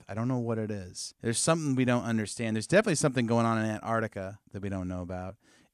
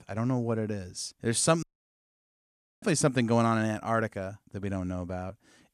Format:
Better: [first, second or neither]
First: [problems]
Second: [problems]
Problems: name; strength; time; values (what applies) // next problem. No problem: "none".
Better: first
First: none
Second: audio cutting out; at 1.5 s for 1 s